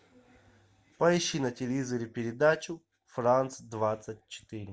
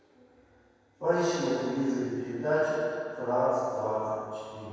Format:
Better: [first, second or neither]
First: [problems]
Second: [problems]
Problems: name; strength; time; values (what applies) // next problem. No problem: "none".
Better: first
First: none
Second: room echo; dies away in 2.1 s